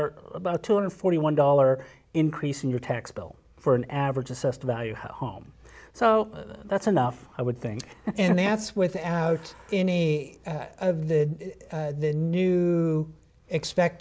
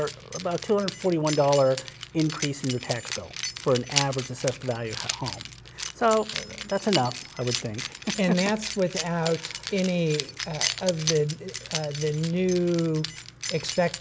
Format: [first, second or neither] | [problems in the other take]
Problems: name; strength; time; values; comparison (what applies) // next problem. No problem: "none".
first | background sound (Keys jangling); 8 dB below the speech